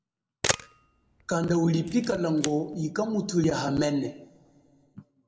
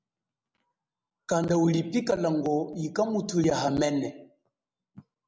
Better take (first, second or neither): second